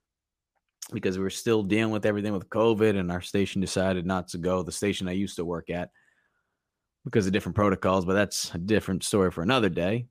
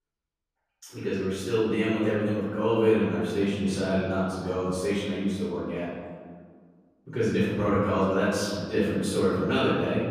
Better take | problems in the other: first | off-mic speech; far // room echo; strong; dies away in 1.5 s

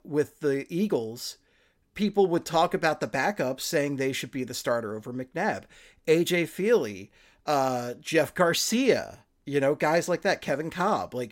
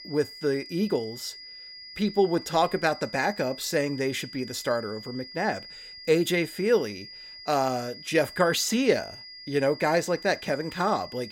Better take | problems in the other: first | high-pitched whine; noticeable; throughout; 5 kHz, 15 dB below the speech

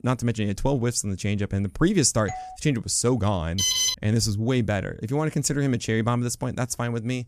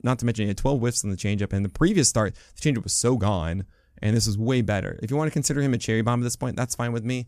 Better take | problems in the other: second | doorbell; faint; at 2.5 s; peak 10 dB below the speech // alarm; loud; at 3.5 s; peak 4 dB above the speech

